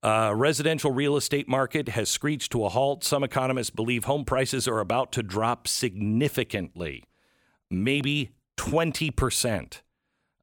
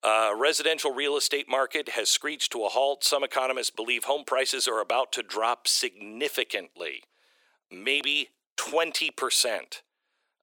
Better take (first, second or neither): first